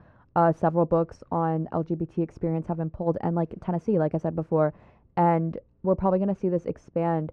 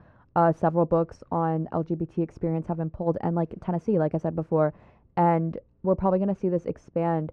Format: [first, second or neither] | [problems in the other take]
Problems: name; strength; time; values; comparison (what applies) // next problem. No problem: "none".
neither | muffled; very; fading above 2.5 kHz; the same in both